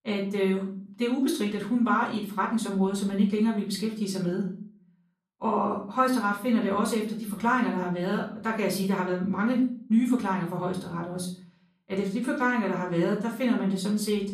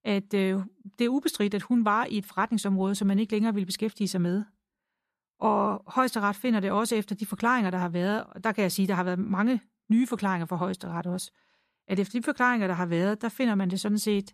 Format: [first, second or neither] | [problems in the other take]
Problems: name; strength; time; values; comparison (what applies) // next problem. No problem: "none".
second | room echo; slight; dies away in 0.4 s // off-mic speech; far